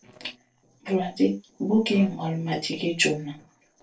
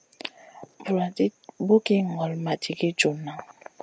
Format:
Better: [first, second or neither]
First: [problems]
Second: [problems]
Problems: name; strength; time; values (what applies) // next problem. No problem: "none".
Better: second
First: noise reduction (neural separator model SepFormer DNS4)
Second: none